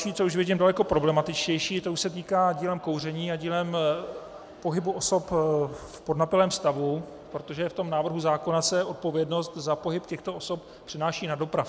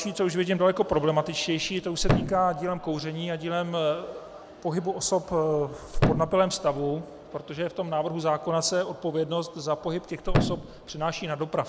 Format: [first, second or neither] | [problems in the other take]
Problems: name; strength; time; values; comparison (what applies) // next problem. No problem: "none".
first | background sound (Thump, thud); 2 dB below the speech